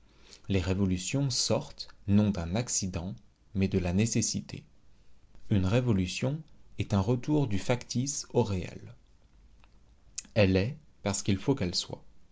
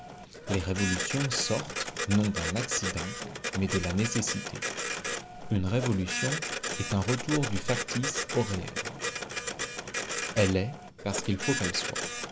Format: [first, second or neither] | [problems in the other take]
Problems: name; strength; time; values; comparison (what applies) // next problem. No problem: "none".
first | background sound (Printer); 4 dB below the speech